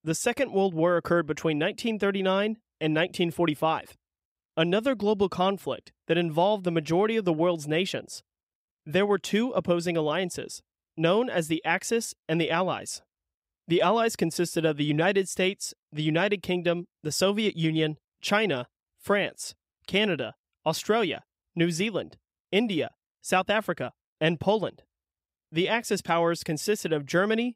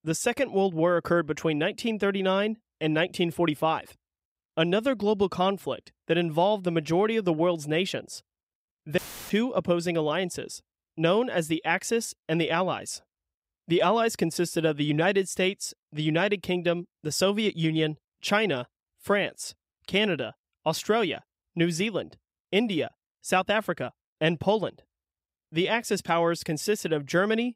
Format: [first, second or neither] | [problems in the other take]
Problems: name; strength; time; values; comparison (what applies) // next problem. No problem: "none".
first | audio cutting out; filled with static; at 9 s